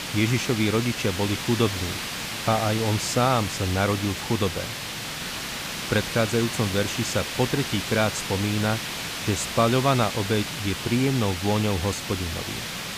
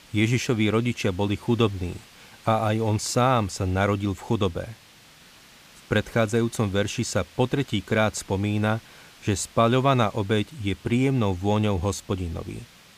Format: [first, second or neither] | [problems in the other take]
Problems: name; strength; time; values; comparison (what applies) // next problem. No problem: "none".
second | hiss; loud; throughout; 5 dB below the speech; faint in the second